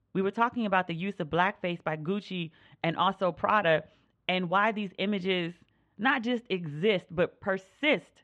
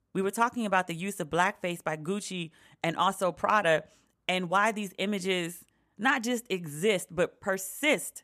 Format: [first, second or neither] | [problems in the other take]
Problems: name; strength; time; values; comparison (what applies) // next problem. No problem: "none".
second | muffled; slightly; fading above 3.5 kHz